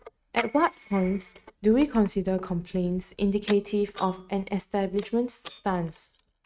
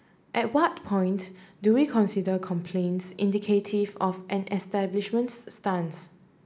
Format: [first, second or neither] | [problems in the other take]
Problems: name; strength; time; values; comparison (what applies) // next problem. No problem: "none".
second | noise reduction (neural mask model RNNoise)